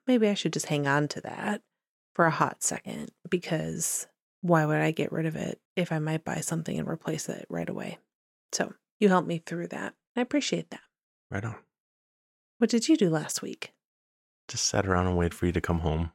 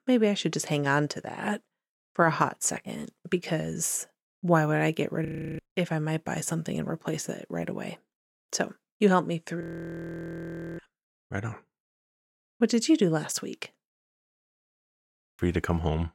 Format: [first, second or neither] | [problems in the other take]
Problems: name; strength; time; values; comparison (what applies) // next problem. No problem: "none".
first | audio freezing; at 5.5 s, at 9.5 s for 1 s and at 14 s for 1 s